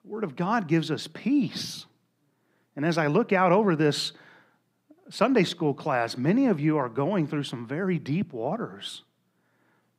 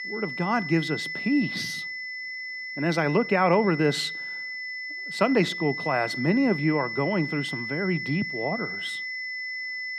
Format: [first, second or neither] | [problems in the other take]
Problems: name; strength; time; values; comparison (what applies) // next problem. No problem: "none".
first | high-pitched whine; loud; throughout; 2 kHz, 6 dB below the speech